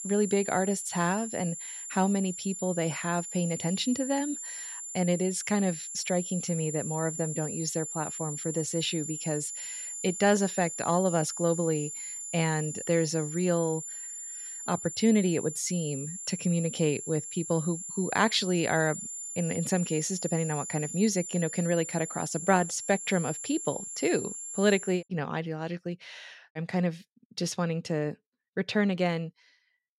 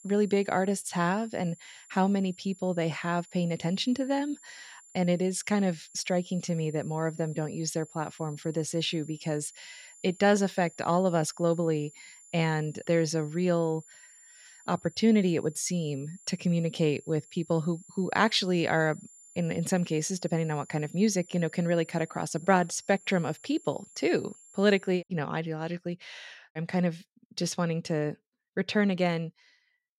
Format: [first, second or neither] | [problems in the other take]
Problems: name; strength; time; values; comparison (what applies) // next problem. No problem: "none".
second | high-pitched whine; loud; until 25 s; 7.5 kHz, 6 dB below the speech; faint in the second